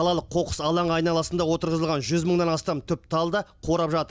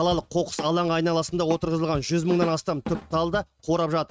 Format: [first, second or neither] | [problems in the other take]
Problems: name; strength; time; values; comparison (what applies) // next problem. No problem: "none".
first | noise reduction (neural mask model RNNoise)